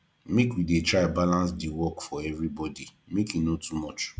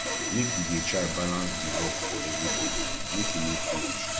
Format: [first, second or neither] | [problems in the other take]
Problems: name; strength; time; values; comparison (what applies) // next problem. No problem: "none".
first | background sound (Sawing); 3 dB above the speech